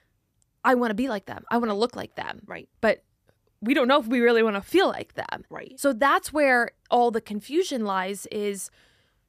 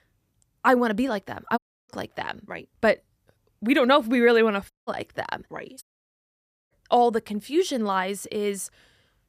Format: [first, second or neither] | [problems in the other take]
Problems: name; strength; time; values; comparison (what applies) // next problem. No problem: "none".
first | audio cutting out; at 1.5 s, at 4.5 s and at 6 s for 1 s